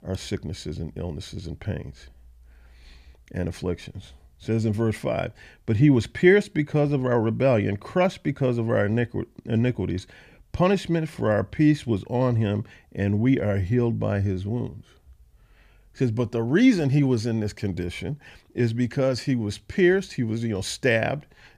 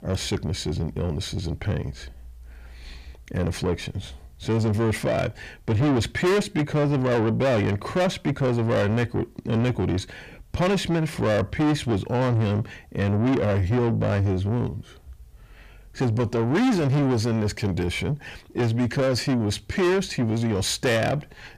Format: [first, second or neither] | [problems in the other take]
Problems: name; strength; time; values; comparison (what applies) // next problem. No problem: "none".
first | distortion; heavy; 7 dB below the speech